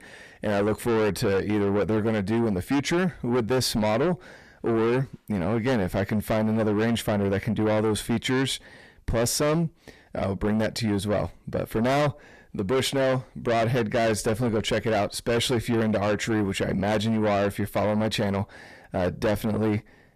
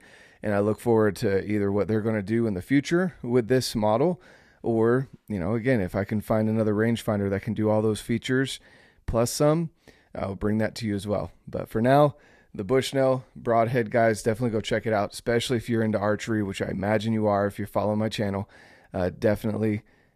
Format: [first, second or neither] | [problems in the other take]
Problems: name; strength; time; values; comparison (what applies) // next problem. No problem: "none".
second | distortion; heavy; 6 dB below the speech